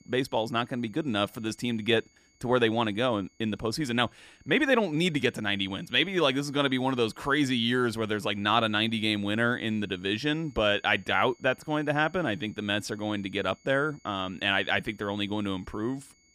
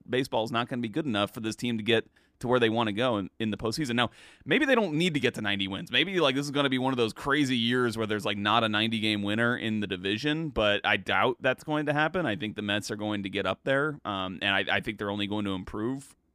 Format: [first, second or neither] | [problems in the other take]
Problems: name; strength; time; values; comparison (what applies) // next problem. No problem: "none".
second | high-pitched whine; faint; throughout; 2 kHz, 35 dB below the speech